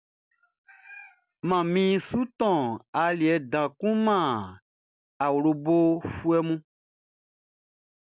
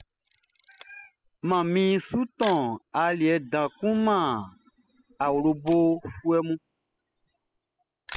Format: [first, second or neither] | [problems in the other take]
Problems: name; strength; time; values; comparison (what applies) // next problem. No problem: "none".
first | noise reduction (classical method spectral subtraction)